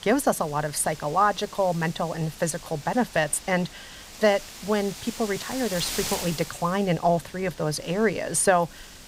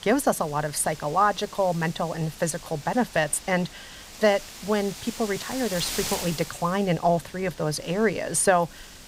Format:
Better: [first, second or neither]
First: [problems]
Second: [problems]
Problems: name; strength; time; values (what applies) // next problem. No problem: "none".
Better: neither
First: wind noise on the microphone; occasional gusts; 15 dB below the speech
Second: wind noise on the microphone; occasional gusts; 15 dB below the speech